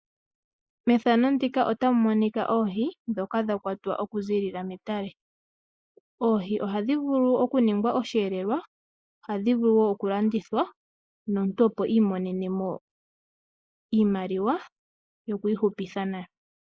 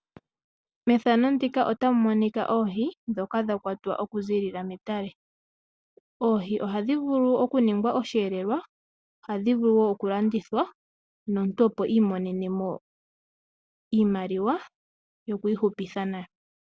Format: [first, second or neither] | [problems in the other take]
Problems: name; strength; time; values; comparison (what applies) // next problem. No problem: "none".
second | noise reduction (neural mask model Resemble Enhance denoiser)